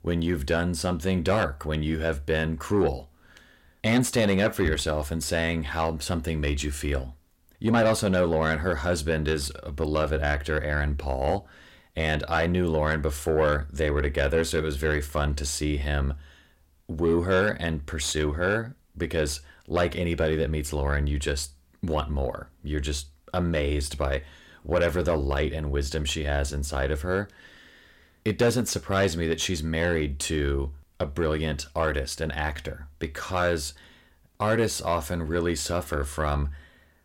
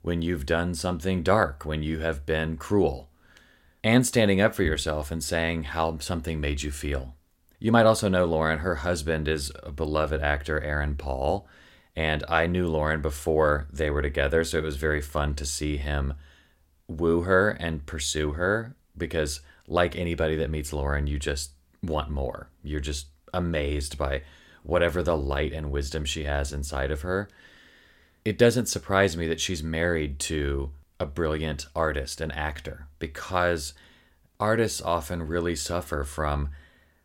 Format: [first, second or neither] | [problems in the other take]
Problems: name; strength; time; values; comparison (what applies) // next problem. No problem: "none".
second | distortion; slight; 10 dB below the speech